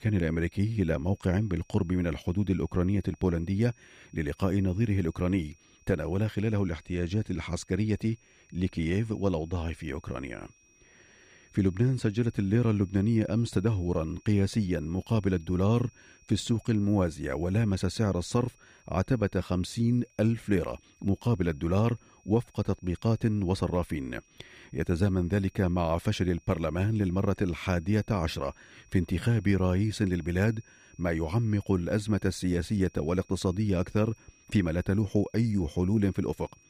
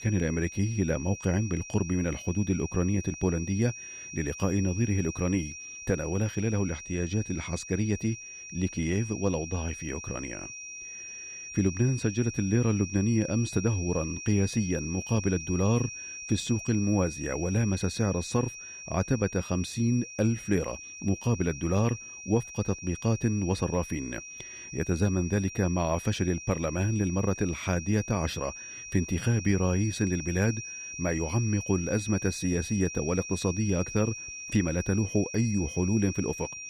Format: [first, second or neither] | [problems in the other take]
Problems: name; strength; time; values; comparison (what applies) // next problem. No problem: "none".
first | high-pitched whine; loud; throughout; 5.5 kHz, 10 dB below the speech; faint in the first